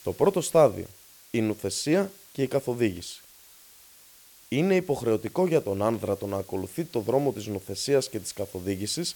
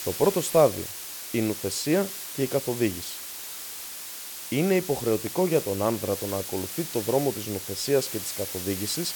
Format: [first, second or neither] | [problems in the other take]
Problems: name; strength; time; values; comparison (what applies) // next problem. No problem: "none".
first | hiss; loud; throughout; 7 dB below the speech; faint in the first